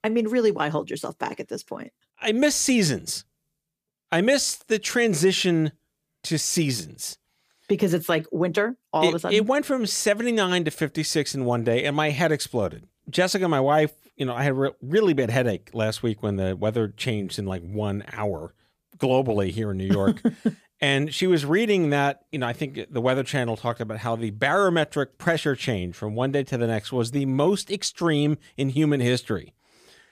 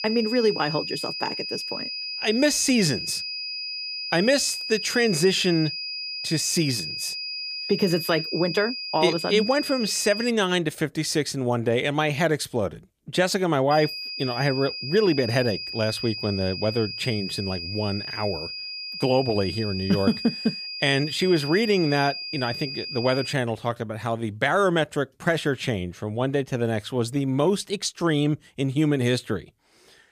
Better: first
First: none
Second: high-pitched whine; loud; until 10 s and from 14 to 23 s; 5 kHz, 6 dB below the speech

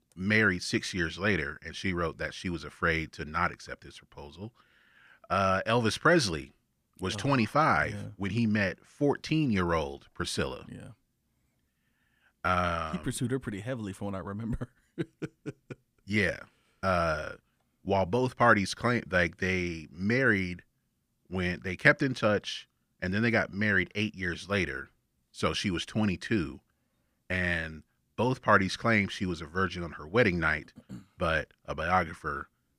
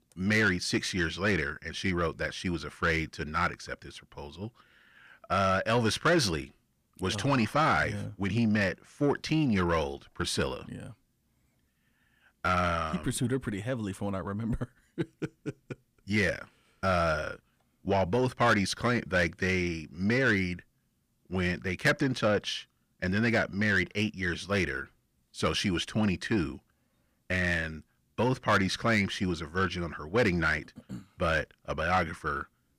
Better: first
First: none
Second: distortion; slight; 10 dB below the speech

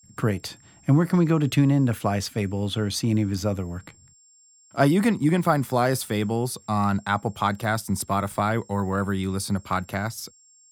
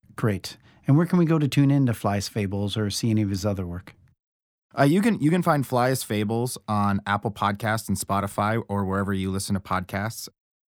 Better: second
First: high-pitched whine; faint; throughout; 7.5 kHz, 30 dB below the speech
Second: none

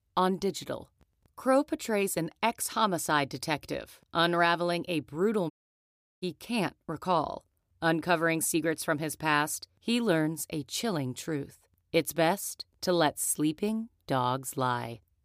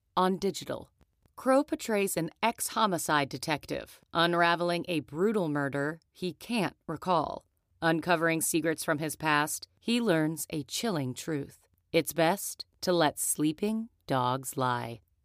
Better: second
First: audio cutting out; at 5.5 s for 0.5 s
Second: none

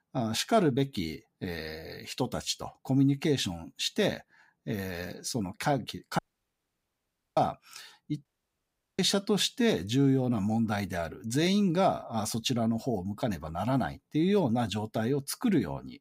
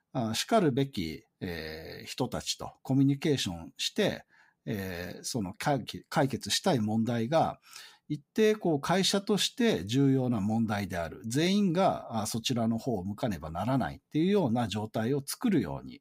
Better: second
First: audio cutting out; at 6 s for 1 s and at 8.5 s for 0.5 s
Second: none

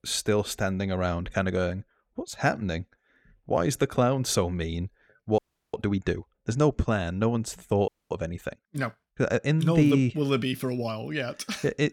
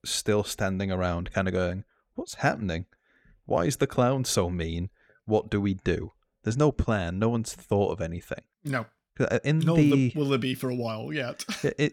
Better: second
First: audio freezing; at 5.5 s and at 8 s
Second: none

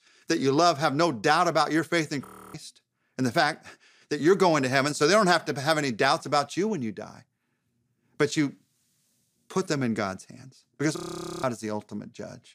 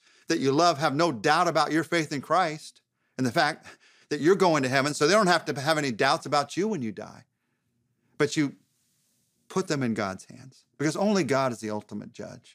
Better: second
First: audio freezing; at 2.5 s and at 11 s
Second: none

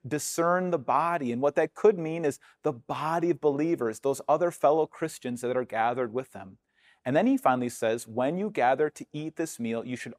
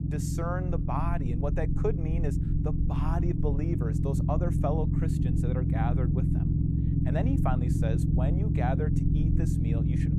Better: first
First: none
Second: low rumble; loud; throughout; 2 dB below the speech

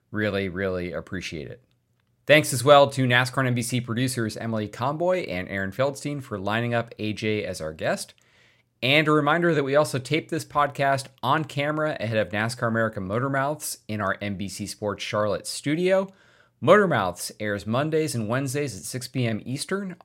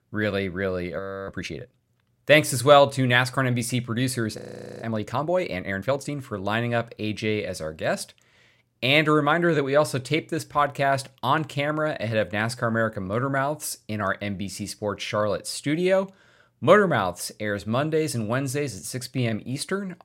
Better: first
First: none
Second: audio freezing; at 1 s and at 4.5 s

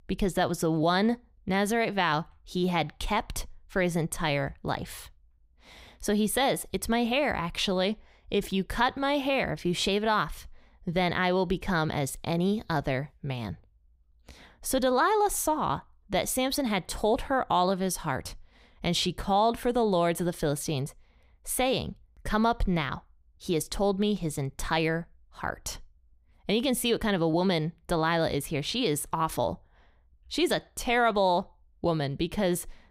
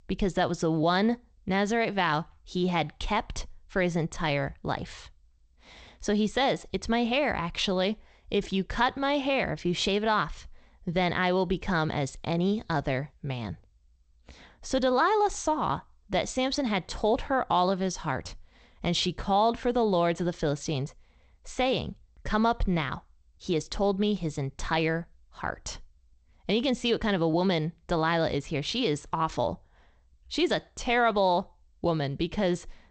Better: first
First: none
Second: garbled, watery; slightly; nothing above 8 kHz

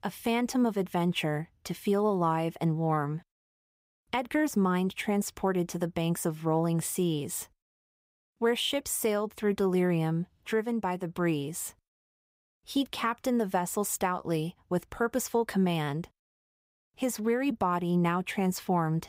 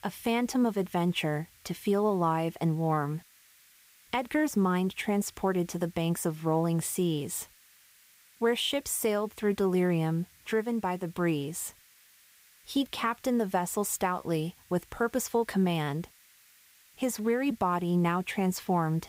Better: first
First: none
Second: hiss; faint; throughout; 25 dB below the speech

